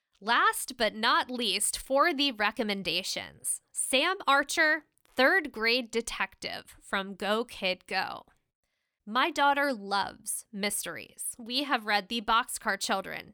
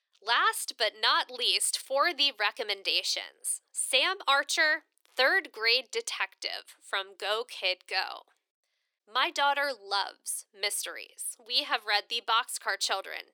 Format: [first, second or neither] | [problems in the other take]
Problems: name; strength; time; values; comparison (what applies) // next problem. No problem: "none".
first | thin; very; fading below 350 Hz